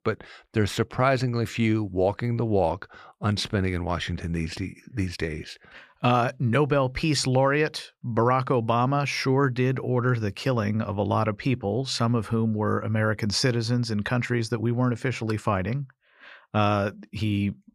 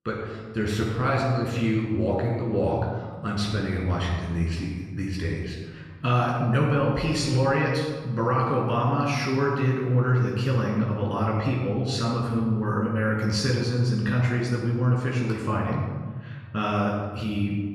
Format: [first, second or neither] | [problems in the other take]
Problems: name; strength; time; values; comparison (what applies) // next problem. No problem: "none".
first | off-mic speech; far // room echo; noticeable; dies away in 1.4 s